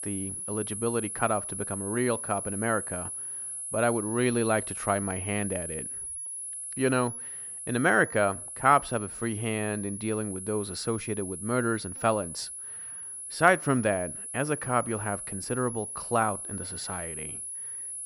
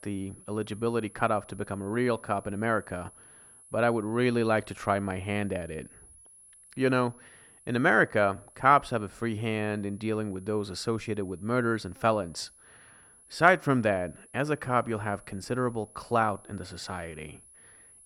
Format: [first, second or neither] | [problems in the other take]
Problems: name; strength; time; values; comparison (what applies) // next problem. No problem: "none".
second | high-pitched whine; loud; throughout; 10.5 kHz, 6 dB below the speech; faint in the second